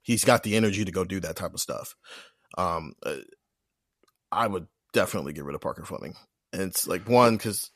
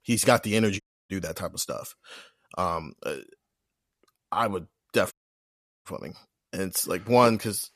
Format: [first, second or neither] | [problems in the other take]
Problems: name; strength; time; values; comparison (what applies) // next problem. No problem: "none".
first | audio cutting out; at 1 s and at 5 s for 0.5 s